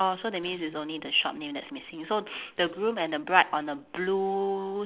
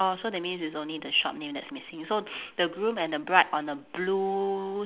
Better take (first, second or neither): second